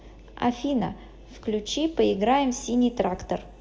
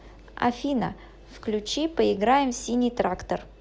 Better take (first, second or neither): second